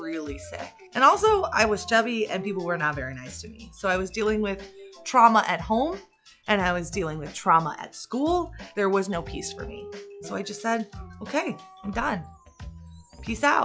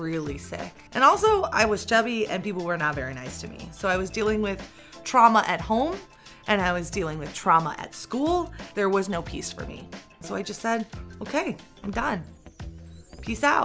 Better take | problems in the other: second | noise reduction (classical method log-MMSE)

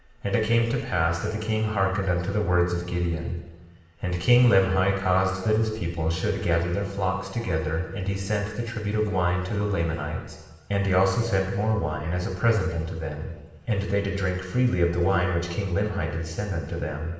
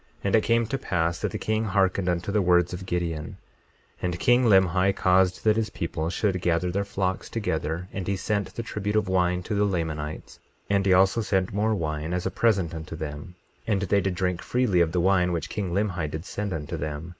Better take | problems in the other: second | room echo; dies away in 1.2 s

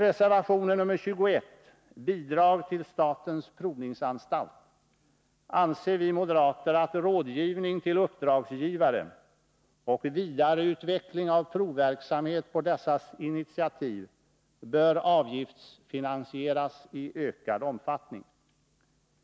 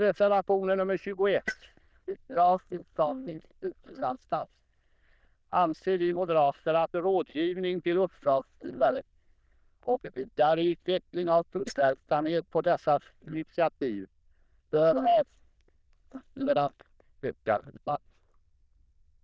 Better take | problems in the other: first | noise reduction (neural diffusion model UNIVERSE++)

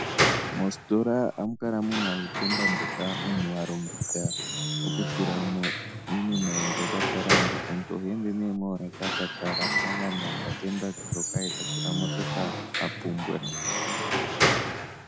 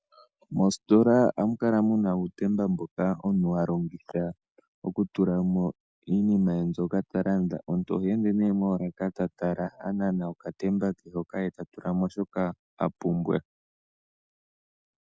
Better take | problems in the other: second | background sound (Squeak / Wood); 2 dB above the speech

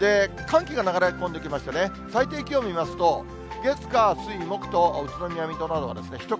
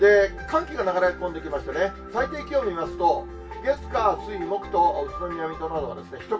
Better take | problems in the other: first | room echo; dies away in 0.2 s

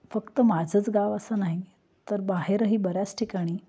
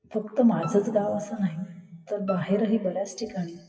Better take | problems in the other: first | noise reduction (classical method WPE with log-MMSE)

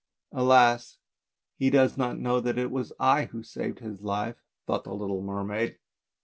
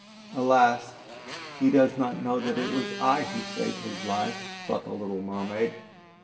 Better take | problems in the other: first | background sound (Motorcycle); 12 dB below the speech // room echo; dies away in 1.6 s

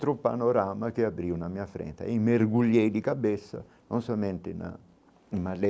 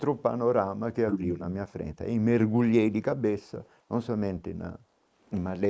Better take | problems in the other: first | noise reduction (neural mask model Resemble Enhance denoiser)

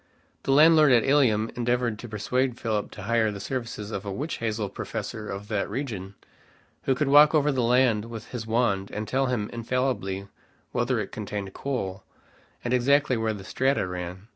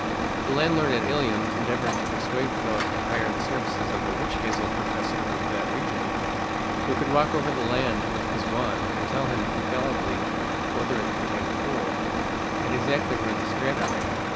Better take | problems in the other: first | background sound (Truck); 4 dB above the speech

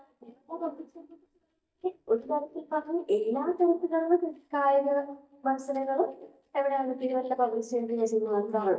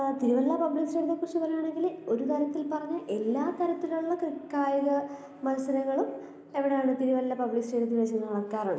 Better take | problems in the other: second | noise reduction (neural mask model DeepFilterNet 3)

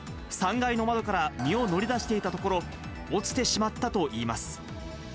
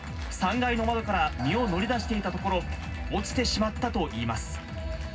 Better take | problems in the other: first | background sound (Cheering); 20 dB below the speech // room echo; dies away in 0.4 s

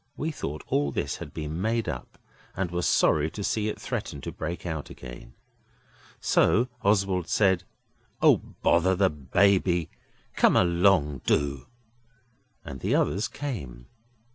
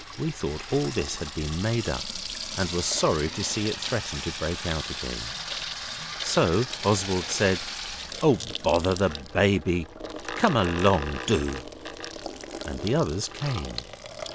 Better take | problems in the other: first | background sound (Sink (filling or washing) / Water tap, faucet); 8 dB below the speech

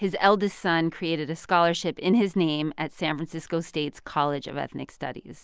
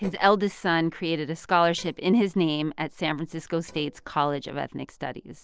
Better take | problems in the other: first | noise reduction (neural separator model SepFormer DNS4)

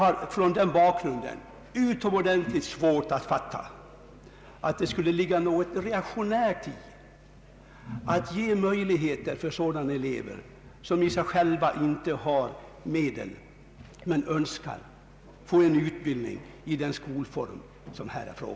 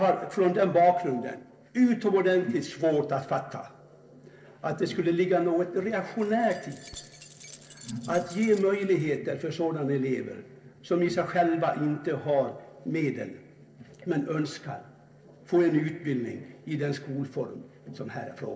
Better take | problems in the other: first | noise reduction (neural separator model SepFormer DNS4)

